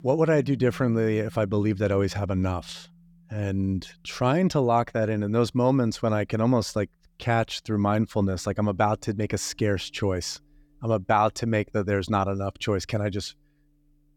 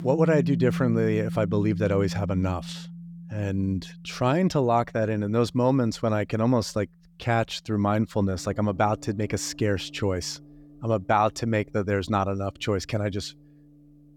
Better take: first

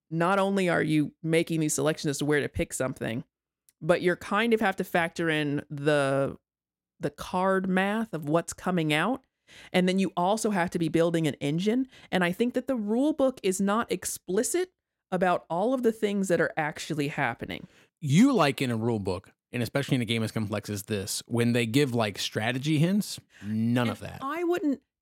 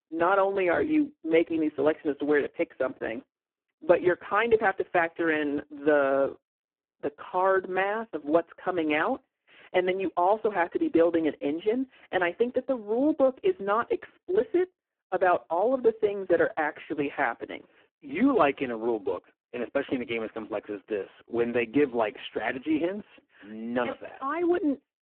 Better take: first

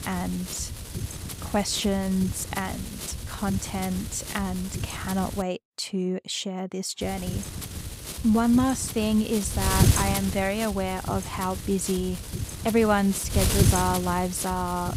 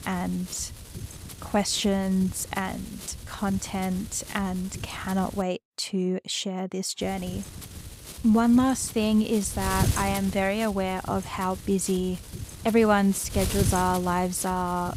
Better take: second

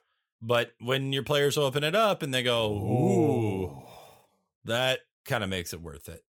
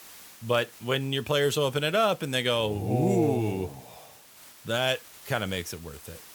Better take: first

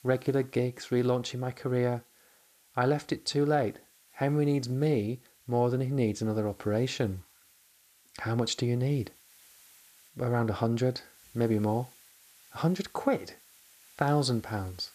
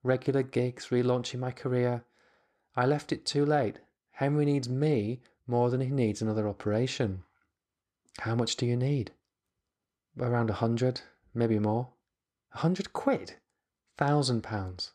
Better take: second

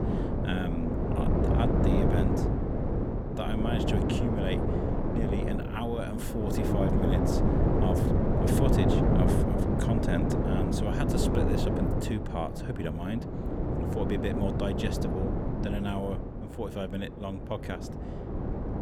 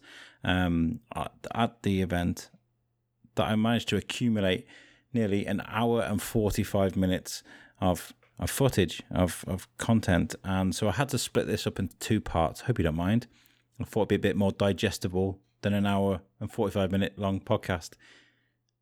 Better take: second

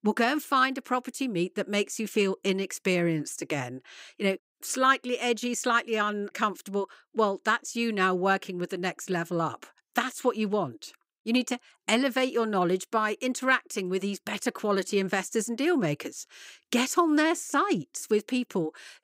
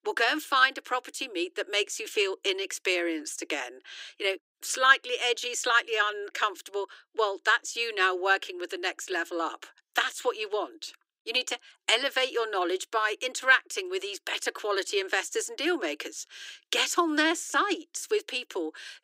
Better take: first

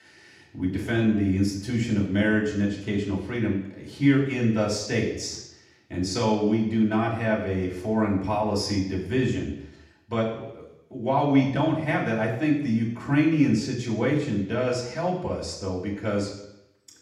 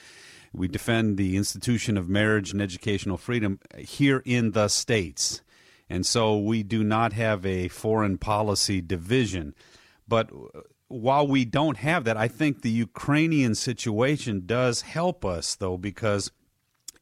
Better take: second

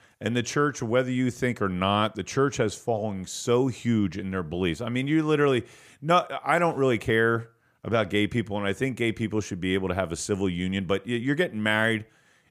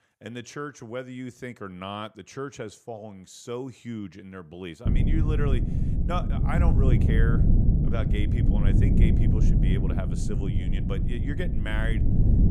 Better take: first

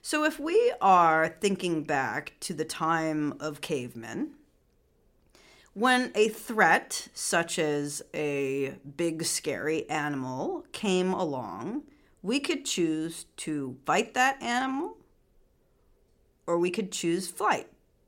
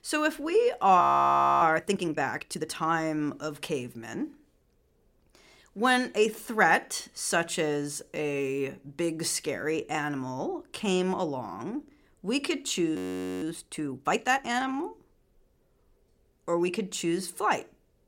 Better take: first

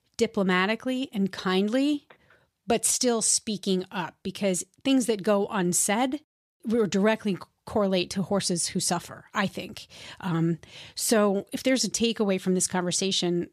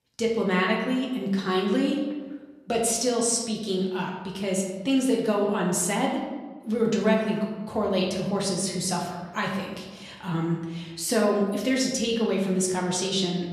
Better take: first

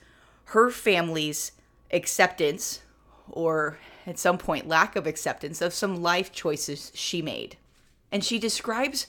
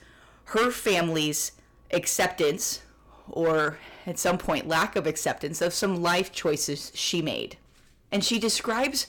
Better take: first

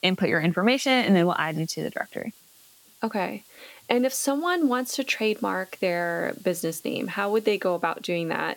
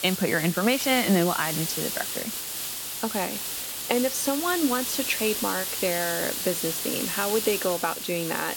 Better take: first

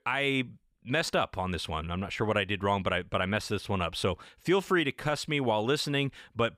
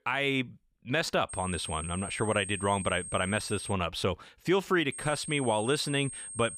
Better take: first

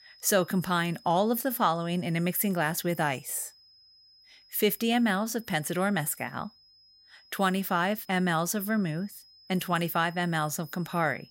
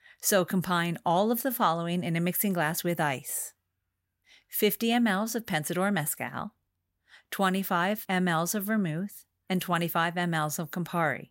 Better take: second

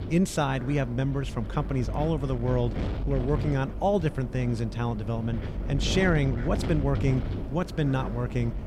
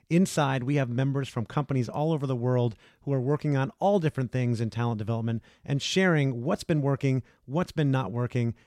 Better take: second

